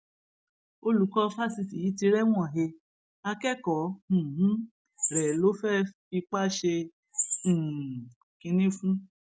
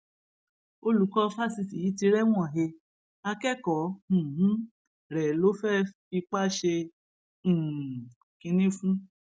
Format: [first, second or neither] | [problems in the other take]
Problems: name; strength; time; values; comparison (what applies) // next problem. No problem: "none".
second | background sound (Chirp, tweet); 8 dB below the speech